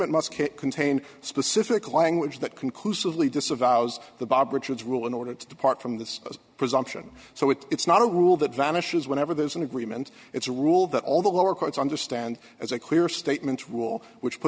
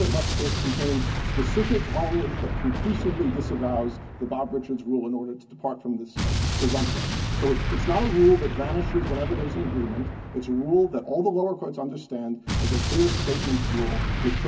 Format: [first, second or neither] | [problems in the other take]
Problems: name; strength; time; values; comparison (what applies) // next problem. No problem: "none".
first | background sound (Explosion); 1 dB below the speech // room echo; dies away in 0.3 s